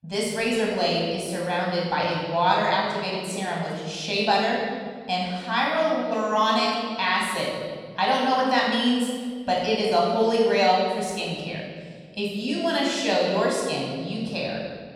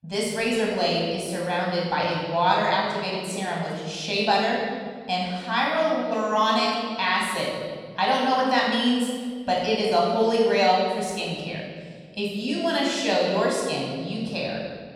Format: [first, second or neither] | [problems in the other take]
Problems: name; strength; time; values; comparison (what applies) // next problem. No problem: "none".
neither | off-mic speech; far; the same in both // room echo; noticeable; dies away in 1.8 s; the same in both